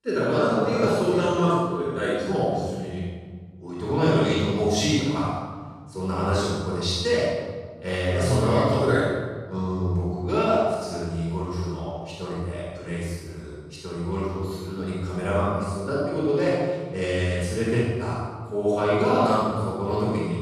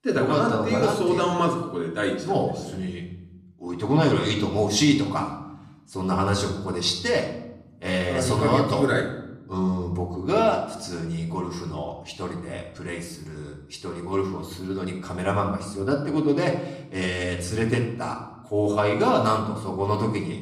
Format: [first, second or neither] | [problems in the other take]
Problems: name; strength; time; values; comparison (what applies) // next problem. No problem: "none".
second | room echo; strong; dies away in 1.5 s; slight in the second // off-mic speech; far; far in the second